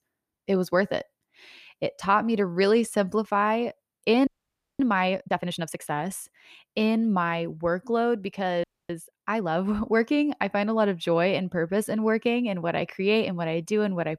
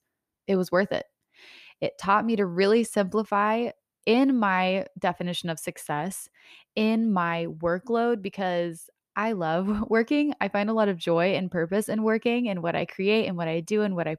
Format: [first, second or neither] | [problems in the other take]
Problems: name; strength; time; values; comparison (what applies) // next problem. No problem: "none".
second | audio freezing; at 4.5 s for 0.5 s and at 8.5 s